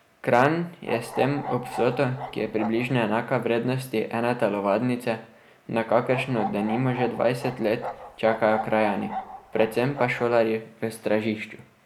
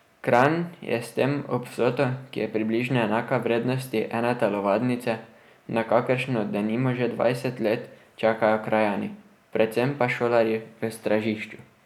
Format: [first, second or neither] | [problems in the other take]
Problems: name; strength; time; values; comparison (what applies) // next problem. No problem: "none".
second | background sound (Bark); 10 dB below the speech